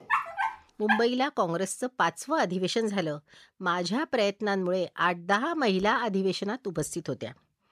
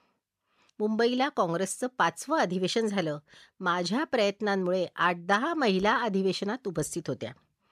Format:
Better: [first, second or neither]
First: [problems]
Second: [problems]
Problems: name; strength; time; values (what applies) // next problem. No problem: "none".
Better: second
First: dog barking; loud; at the start; peak 1 dB above the speech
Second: none